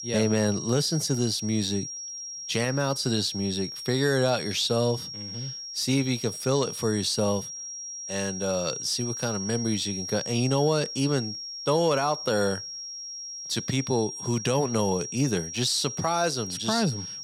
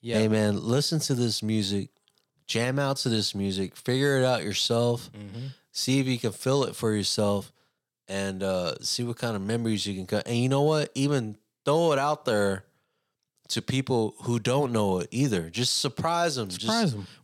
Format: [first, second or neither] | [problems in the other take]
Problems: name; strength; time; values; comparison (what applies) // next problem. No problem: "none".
second | high-pitched whine; loud; throughout; 5.5 kHz, 7 dB below the speech